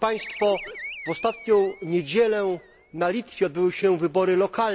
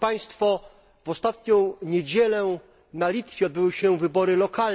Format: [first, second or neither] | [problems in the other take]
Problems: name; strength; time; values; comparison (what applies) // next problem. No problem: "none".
second | background sound (Animal); 16 dB below the speech